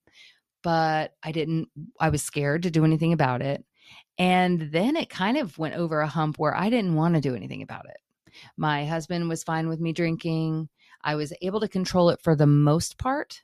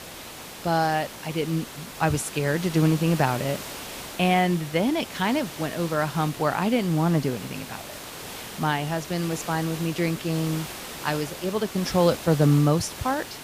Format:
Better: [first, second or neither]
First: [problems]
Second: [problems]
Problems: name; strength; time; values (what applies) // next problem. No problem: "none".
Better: first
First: none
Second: hiss; noticeable; throughout; 10 dB below the speech